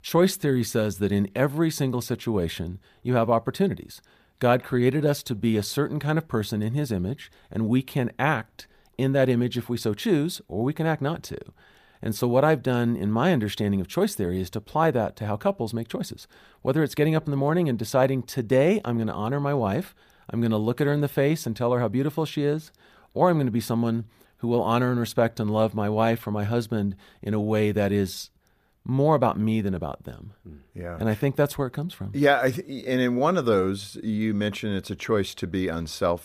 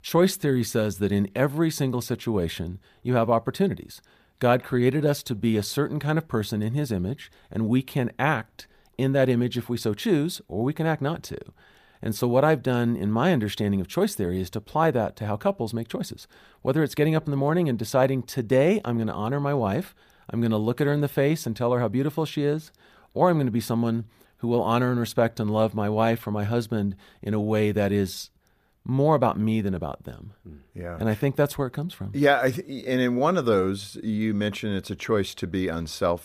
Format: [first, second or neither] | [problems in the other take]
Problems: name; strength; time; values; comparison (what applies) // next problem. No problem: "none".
neither | none